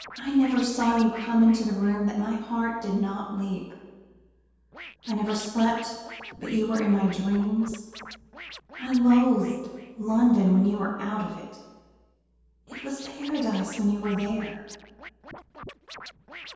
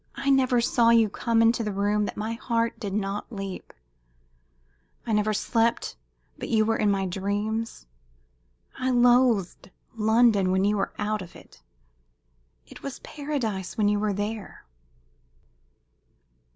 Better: second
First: background sound (Scratching (performance technique)); 20 dB below the speech // room echo; dies away in 1.2 s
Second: none

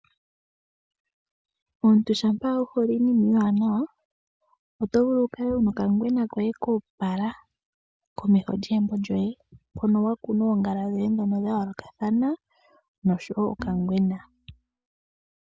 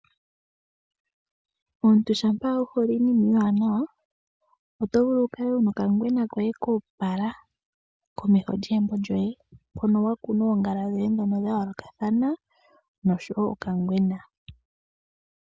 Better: second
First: background sound (Bowed string instrument); 17 dB below the speech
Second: none

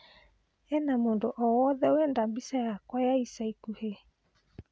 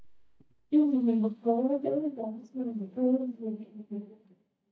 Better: first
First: none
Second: noise reduction (neural mask model DeepFilterNet 3)

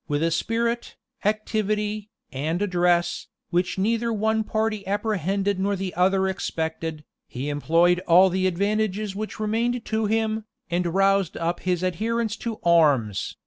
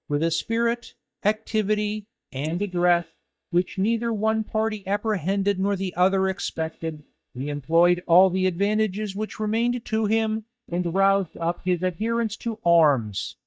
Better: first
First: none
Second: noise reduction (neural mask model DeepFilterNet 3)

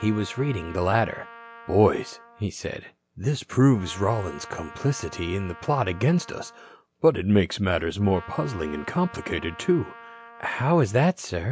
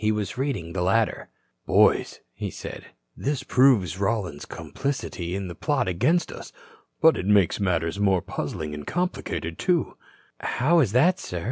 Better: second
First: background sound (Trumpet); 20 dB below the speech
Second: none

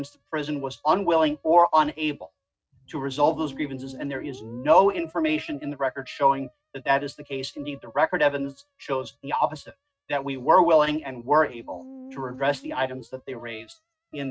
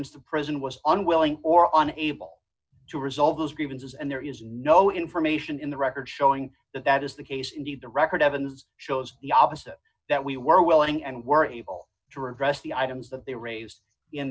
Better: second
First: noise reduction (neural mask model RNNoise)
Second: none

